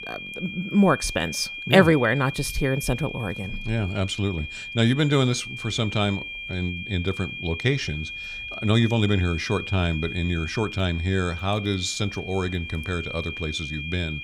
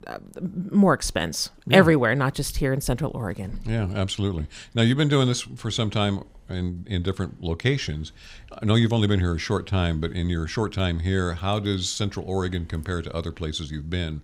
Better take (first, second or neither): second